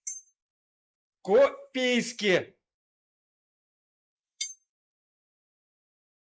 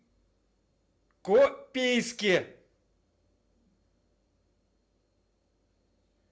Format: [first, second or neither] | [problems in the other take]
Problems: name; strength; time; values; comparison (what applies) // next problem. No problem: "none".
second | noise reduction (neural mask model Resemble Enhance denoiser)